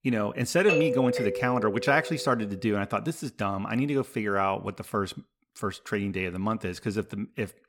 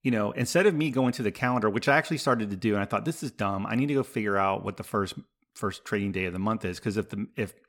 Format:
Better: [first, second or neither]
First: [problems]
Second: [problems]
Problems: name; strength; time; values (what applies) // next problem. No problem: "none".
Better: second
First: doorbell; loud; from 0.5 to 2.5 s; peak 3 dB above the speech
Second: none